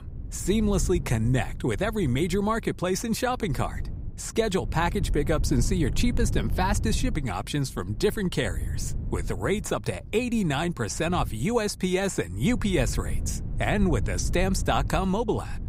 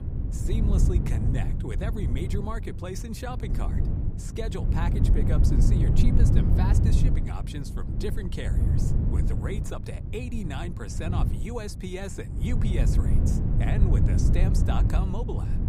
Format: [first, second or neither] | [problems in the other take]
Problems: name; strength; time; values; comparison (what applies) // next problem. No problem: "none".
first | wind noise on the microphone; heavy; 1 dB below the speech; occasional gusts in the first